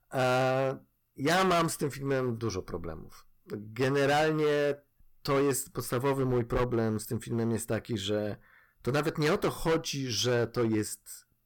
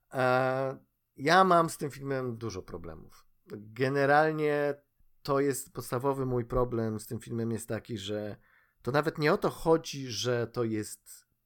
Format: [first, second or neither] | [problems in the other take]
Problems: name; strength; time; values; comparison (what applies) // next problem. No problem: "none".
second | distortion; heavy; 11% of the sound clipped